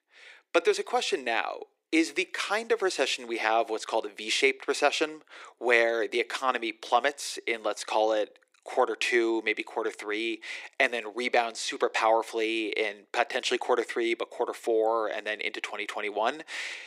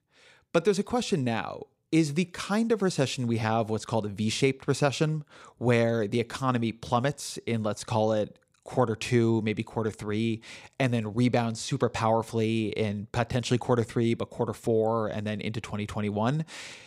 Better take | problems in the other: second | thin; very; fading below 350 Hz

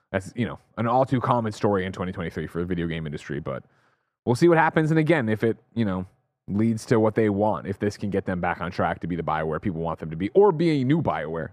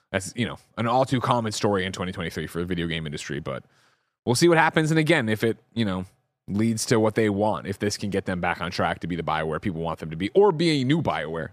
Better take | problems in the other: second | muffled; slightly; fading above 2.5 kHz

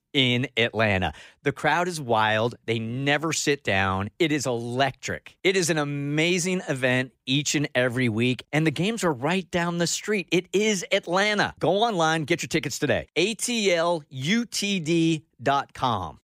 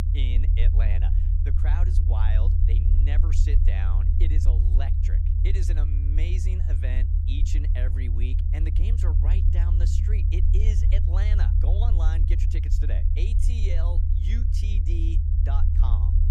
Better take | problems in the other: first | low rumble; loud; throughout; as loud as the speech

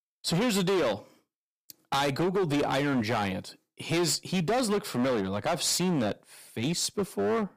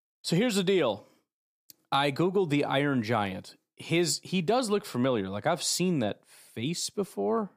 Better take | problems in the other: second | distortion; heavy; 18% of the sound clipped

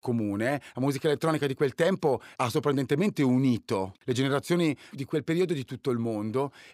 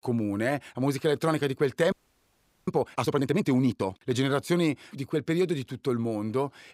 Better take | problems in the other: first | audio freezing; at 2 s for 1 s

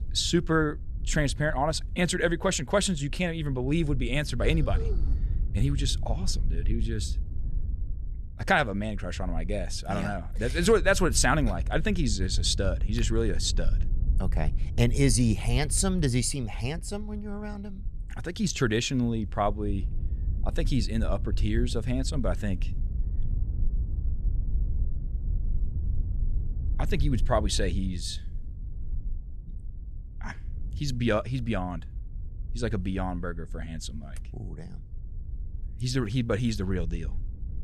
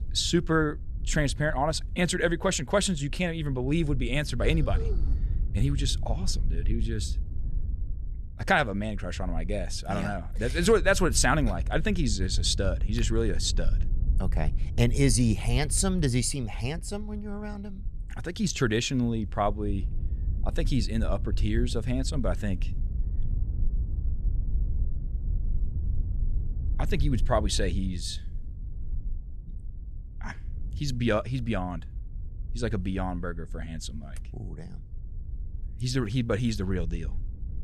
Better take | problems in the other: neither | wind noise on the microphone; occasional gusts; 20 dB below the speech; the same in both

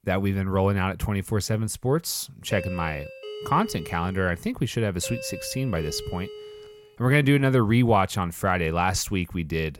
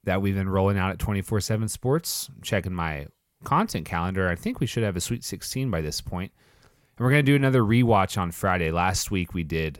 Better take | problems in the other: second | doorbell; faint; from 2.5 to 7 s; peak 10 dB below the speech

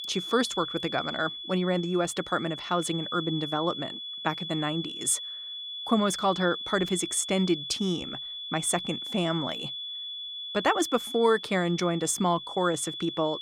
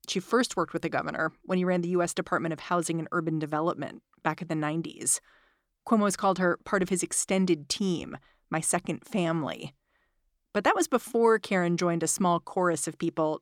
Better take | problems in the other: second | high-pitched whine; loud; throughout; 3.5 kHz, 7 dB below the speech

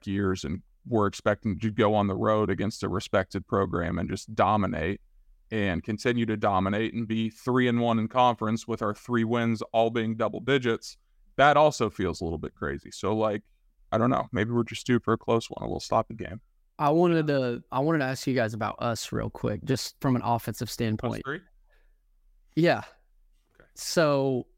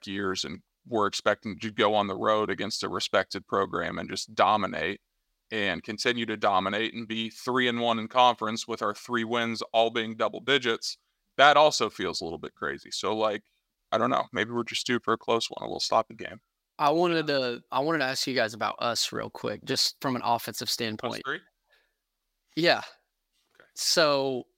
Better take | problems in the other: first | thin; somewhat; fading below 600 Hz

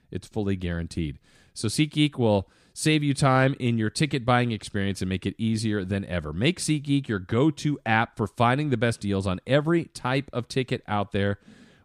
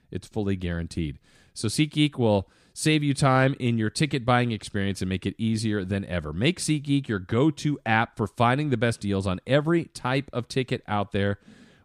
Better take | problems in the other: neither | none

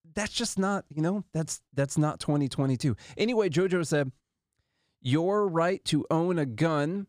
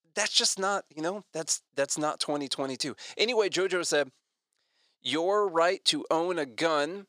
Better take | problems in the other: first | thin; somewhat; fading below 500 Hz

